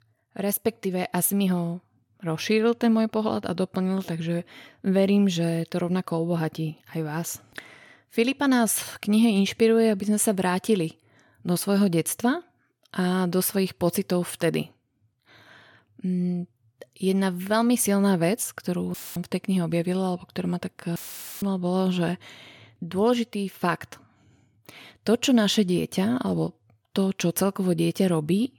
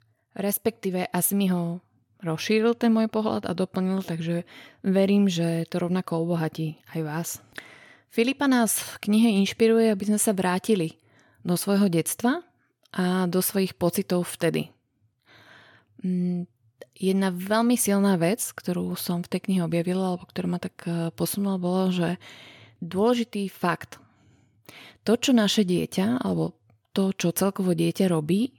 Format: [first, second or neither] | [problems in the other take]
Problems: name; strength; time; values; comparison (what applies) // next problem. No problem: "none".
second | audio cutting out; filled with static; at 19 s and at 21 s